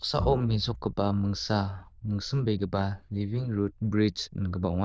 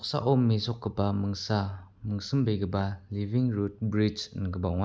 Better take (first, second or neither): second